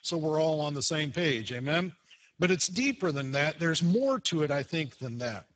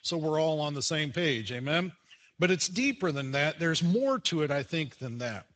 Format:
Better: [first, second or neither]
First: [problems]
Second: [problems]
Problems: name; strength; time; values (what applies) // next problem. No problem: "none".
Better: second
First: garbled, watery; badly; nothing above 8 kHz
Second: garbled, watery; slightly; nothing above 7.5 kHz